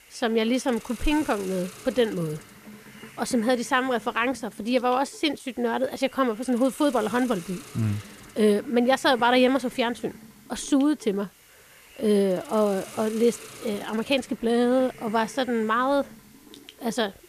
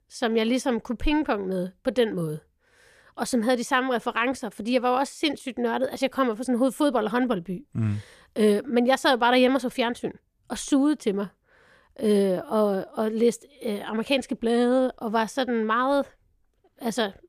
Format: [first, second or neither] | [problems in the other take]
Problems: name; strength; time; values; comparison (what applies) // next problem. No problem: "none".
second | hiss; noticeable; throughout; 20 dB below the speech